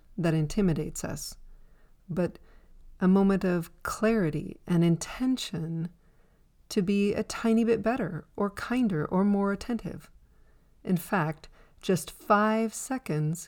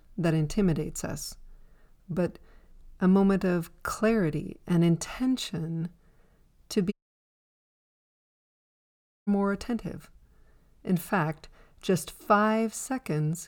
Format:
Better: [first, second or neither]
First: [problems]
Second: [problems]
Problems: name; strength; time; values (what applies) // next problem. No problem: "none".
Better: first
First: none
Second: audio cutting out; at 7 s for 2.5 s